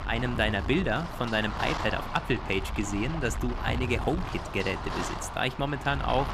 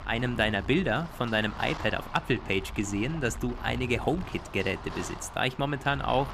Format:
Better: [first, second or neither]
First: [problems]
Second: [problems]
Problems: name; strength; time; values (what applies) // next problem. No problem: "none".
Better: second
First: wind noise on the microphone; heavy; 6 dB below the speech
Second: wind noise on the microphone; occasional gusts; 15 dB below the speech